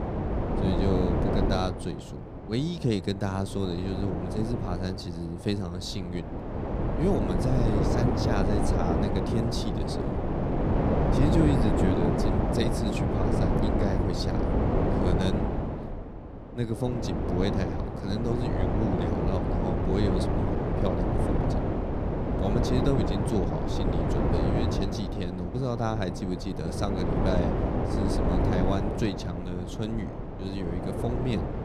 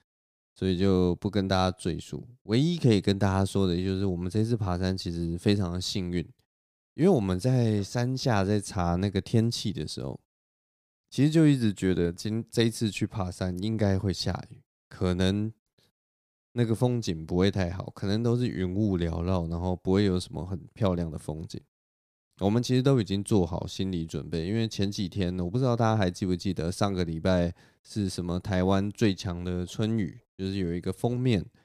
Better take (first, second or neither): second